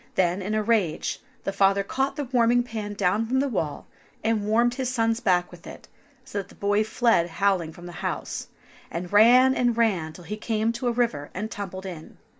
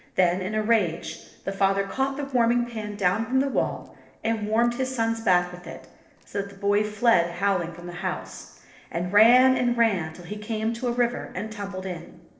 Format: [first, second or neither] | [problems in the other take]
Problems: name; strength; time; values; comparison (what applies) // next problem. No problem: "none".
first | noise reduction (neural separator model SepFormer DNS4)